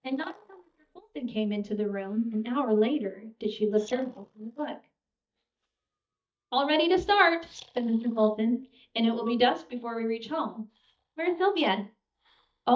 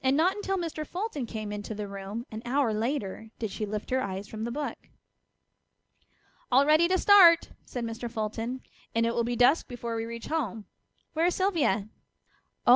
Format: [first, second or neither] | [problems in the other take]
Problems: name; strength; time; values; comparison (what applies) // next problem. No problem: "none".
second | noise reduction (neural mask model DeepFilterNet 3)